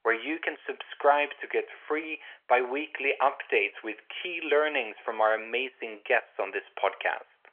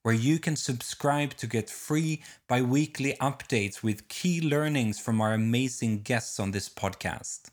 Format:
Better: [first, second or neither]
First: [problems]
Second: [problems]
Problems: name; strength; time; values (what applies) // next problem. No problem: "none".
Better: second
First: phone-call audio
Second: none